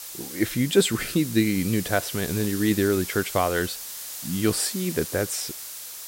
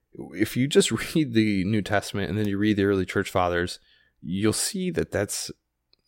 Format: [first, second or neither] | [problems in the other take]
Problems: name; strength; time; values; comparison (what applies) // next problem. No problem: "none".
second | hiss; loud; throughout; 8 dB below the speech